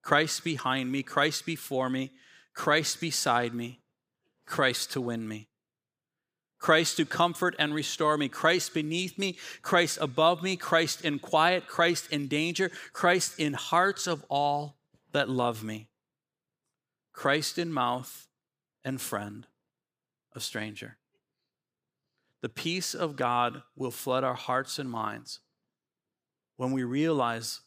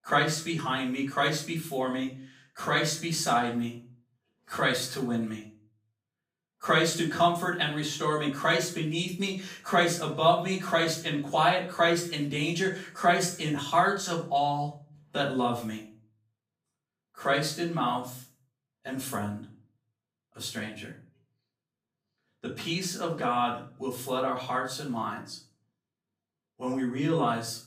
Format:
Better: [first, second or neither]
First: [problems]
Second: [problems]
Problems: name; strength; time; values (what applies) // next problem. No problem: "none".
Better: first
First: none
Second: room echo; slight; dies away in 0.4 s // off-mic speech; far